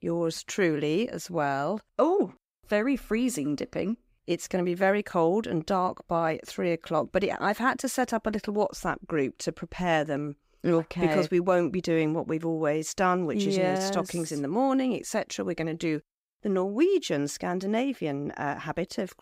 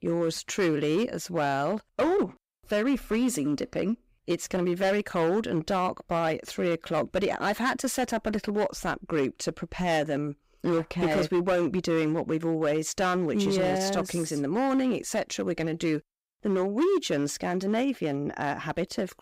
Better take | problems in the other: first | distortion; slight; 9% of the sound clipped

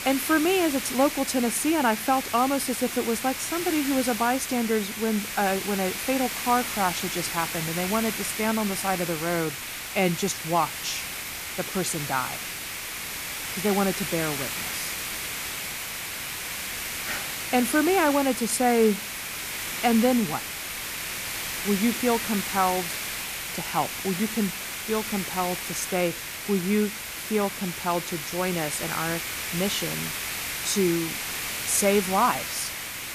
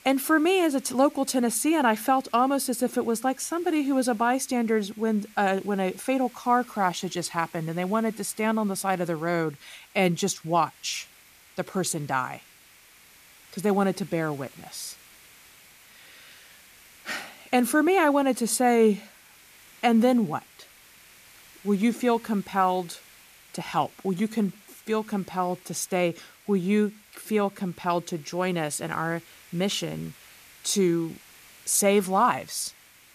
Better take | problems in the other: second | hiss; loud; throughout; 4 dB below the speech; faint in the second

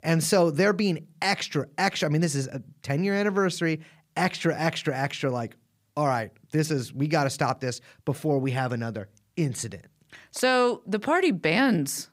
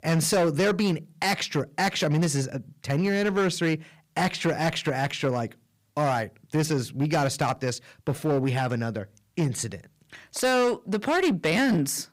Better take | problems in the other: first | distortion; slight; 9% of the sound clipped

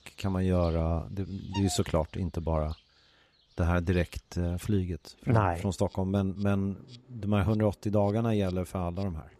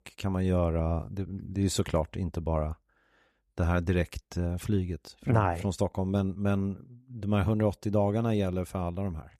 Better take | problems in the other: second | animal sounds; faint; throughout; 25 dB below the speech

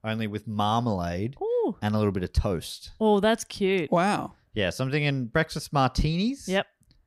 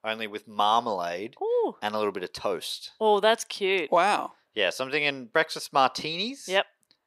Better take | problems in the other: first | thin; very; fading below 450 Hz

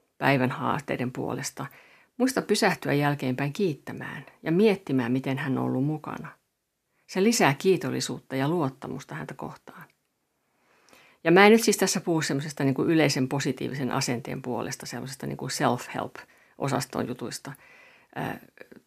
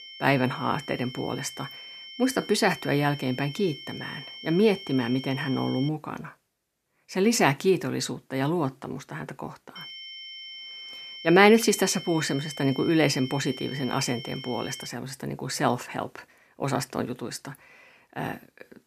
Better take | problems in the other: first | high-pitched whine; noticeable; until 6 s and from 10 to 15 s; 3 kHz, 15 dB below the speech

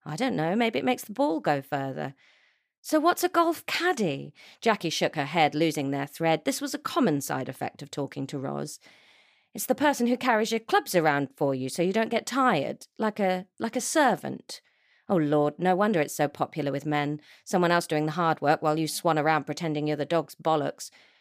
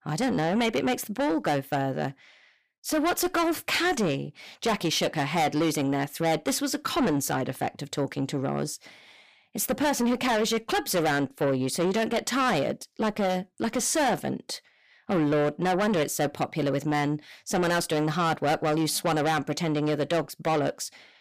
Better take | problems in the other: first | distortion; heavy; 6 dB below the speech

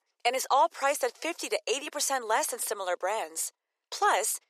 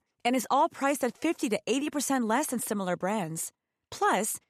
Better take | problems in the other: second | thin; very; fading below 400 Hz

